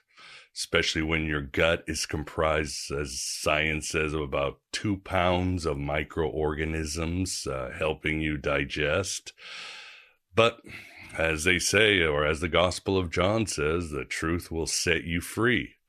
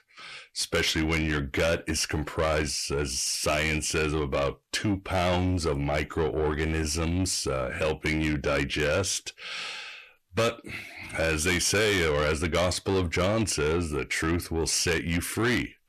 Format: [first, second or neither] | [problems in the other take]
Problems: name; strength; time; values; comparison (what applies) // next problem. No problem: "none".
first | distortion; heavy; 7 dB below the speech